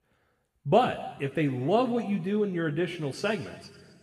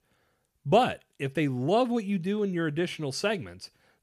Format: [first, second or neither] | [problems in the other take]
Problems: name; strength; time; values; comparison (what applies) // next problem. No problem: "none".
second | room echo; slight; dies away in 2.4 s